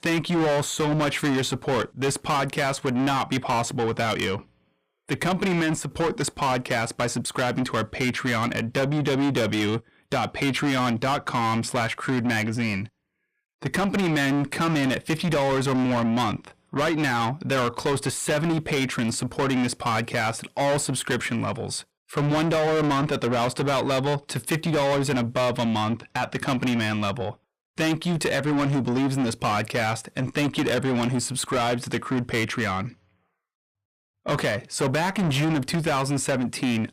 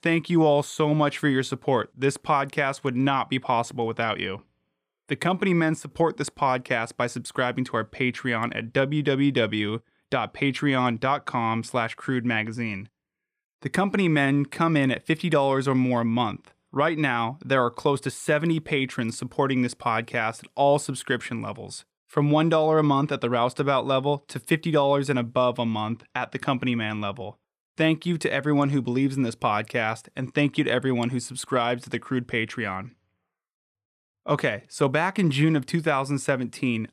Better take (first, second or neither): second